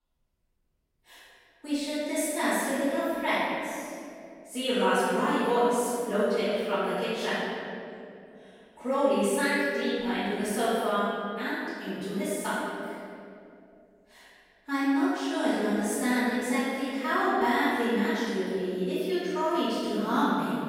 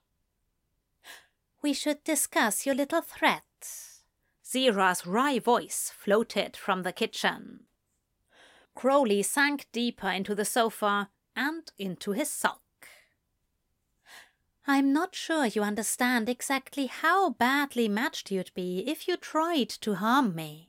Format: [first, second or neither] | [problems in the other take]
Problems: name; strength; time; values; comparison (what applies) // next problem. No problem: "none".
second | off-mic speech; far // room echo; strong; dies away in 2.4 s